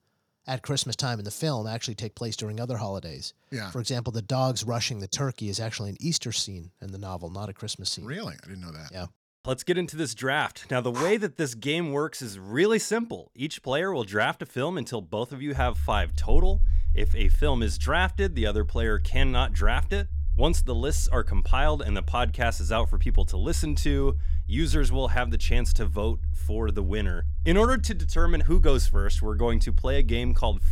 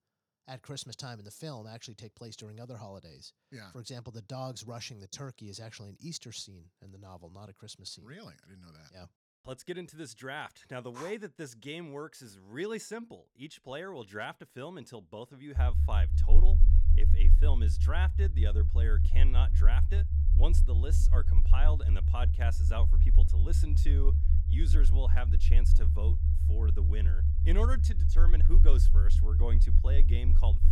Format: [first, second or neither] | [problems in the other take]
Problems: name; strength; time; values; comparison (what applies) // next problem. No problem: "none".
first | low rumble; loud; from 16 s on; 4 dB below the speech; faint in the first